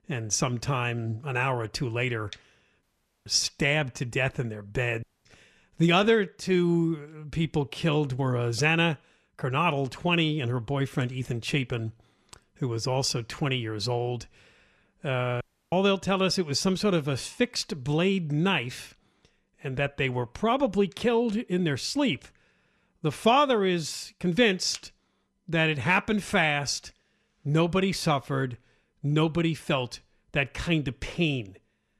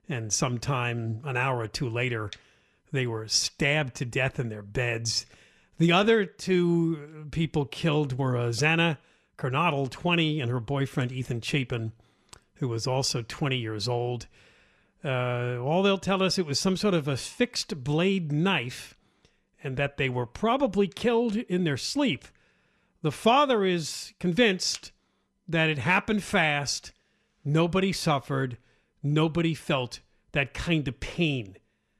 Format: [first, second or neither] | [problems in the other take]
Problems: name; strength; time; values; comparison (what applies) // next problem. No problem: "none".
second | audio cutting out; at 3 s, at 5 s and at 15 s